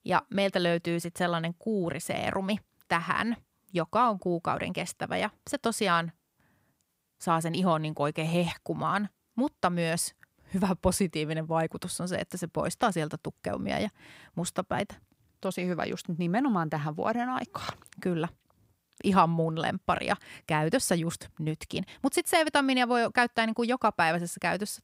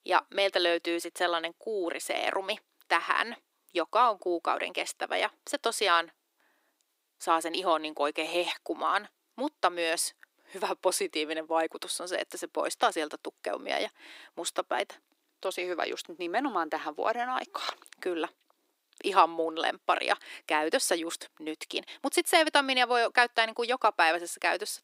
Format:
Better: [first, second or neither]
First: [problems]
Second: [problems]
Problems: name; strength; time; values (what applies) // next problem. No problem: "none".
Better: first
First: none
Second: thin; very; fading below 300 Hz